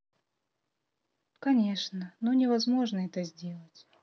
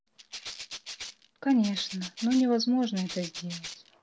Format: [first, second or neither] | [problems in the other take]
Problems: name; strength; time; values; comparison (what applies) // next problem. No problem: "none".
first | background sound (Rattle (instrument)); 13 dB below the speech